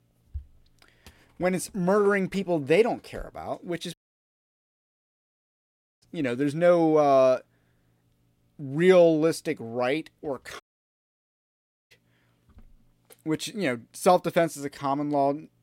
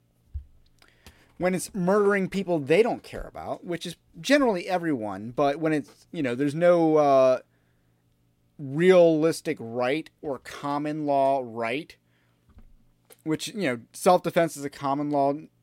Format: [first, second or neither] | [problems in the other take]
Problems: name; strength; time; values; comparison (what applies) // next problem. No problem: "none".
second | audio cutting out; at 4 s for 2 s and at 11 s for 1.5 s